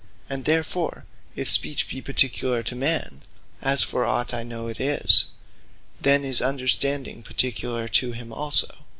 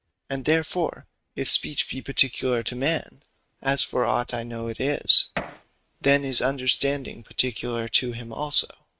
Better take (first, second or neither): first